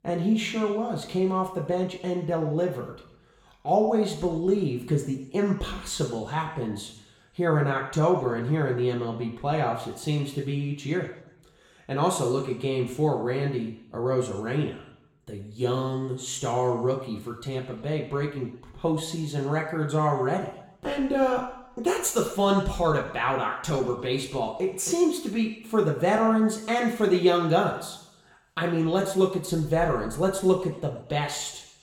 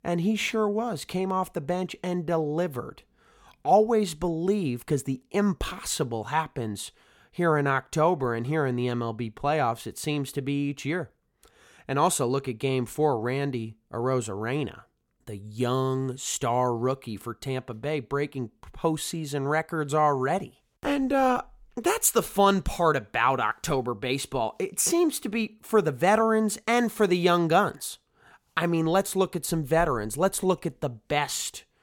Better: second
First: room echo; slight; dies away in 0.8 s // off-mic speech; somewhat distant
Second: none

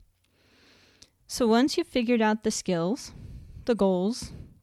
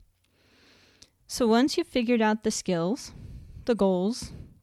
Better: neither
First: none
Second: none

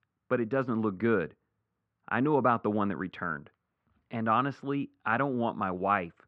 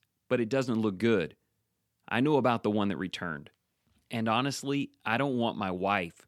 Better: second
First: muffled; very; fading above 1.5 kHz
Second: none

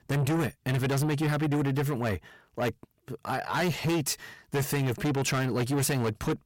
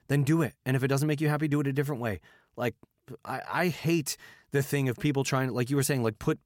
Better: second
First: distortion; heavy; 7 dB below the speech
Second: none

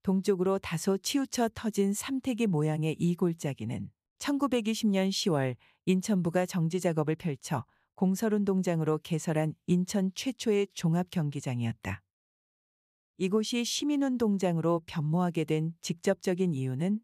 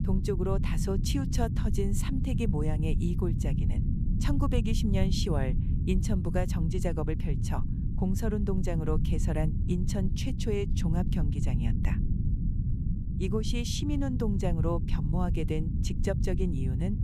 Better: first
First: none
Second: low rumble; loud; throughout; 6 dB below the speech

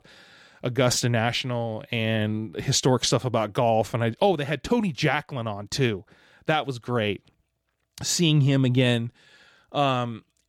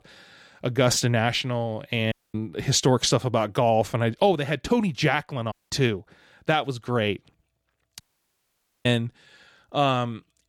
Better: first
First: none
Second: audio cutting out; at 2 s, at 5.5 s and at 8 s for 1 s

